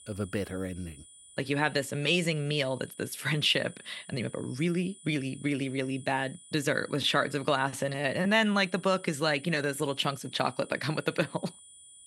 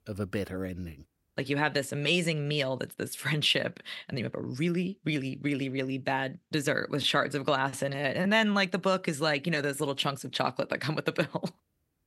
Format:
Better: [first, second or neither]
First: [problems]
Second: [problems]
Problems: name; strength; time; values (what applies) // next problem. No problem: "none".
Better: second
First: high-pitched whine; faint; throughout; 9.5 kHz, 20 dB below the speech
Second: none